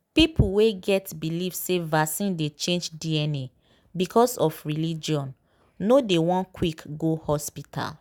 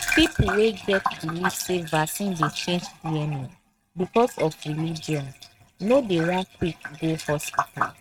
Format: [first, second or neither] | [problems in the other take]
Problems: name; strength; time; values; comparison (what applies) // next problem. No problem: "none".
first | noise reduction (neural mask model RNNoise)